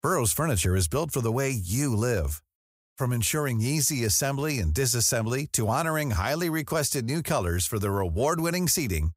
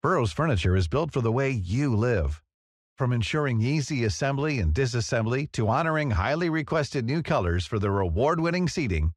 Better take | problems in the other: first | muffled; slightly; fading above 4 kHz

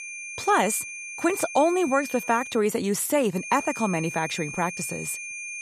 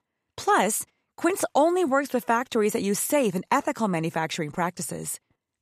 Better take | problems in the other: second | high-pitched whine; loud; until 2.5 s and from 3.5 s on; 2.5 kHz, 9 dB below the speech

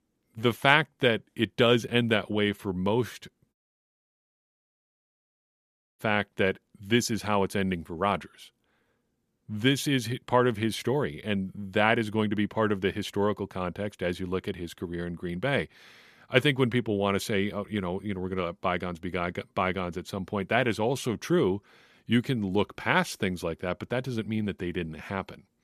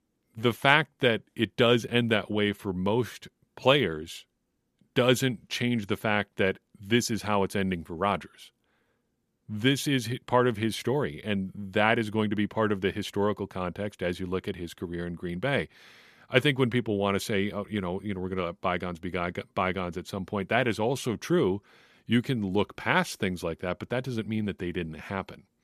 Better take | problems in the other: second | audio cutting out; at 3.5 s for 2.5 s

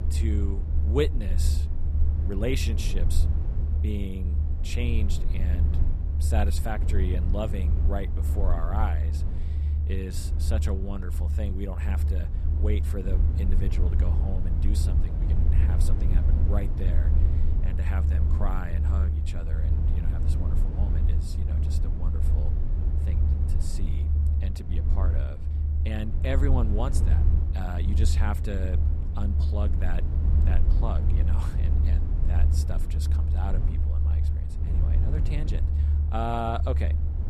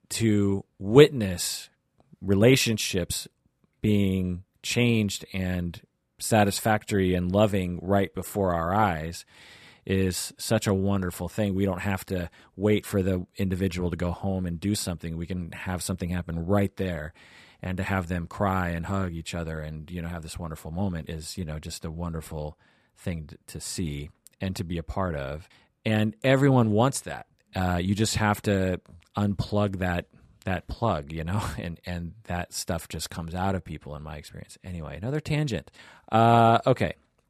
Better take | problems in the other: second | low rumble; loud; throughout; 5 dB below the speech

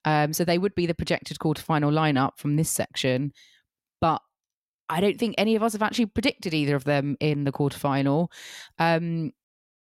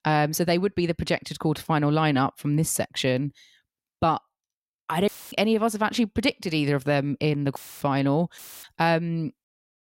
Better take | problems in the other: first | audio cutting out; filled with static; at 5 s, at 7.5 s and at 8.5 s

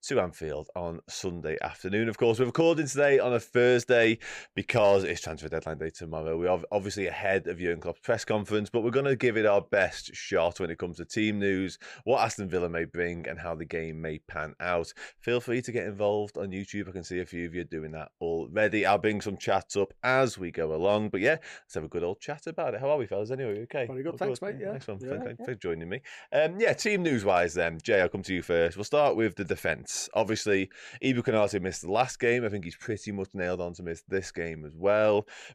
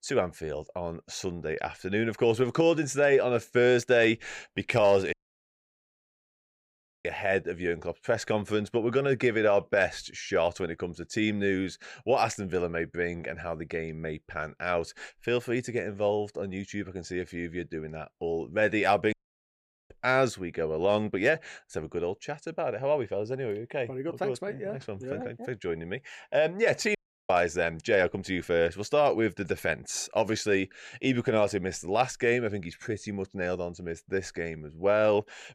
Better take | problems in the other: first | audio cutting out; at 5 s for 2 s, at 19 s for 1 s and at 27 s

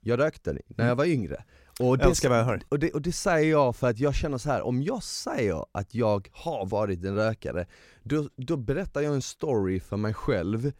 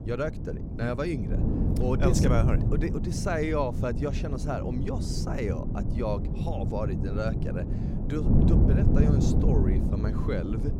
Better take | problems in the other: first | wind noise on the microphone; heavy; 4 dB below the speech

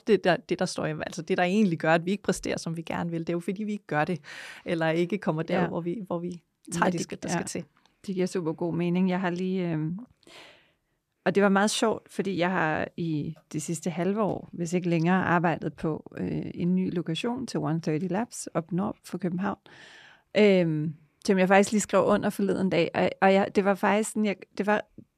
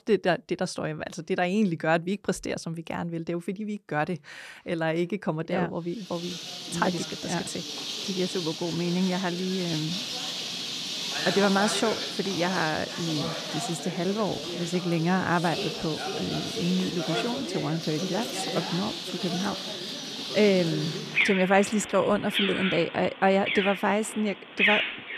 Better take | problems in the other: first | animal sounds; loud; from 6 s on; 3 dB below the speech

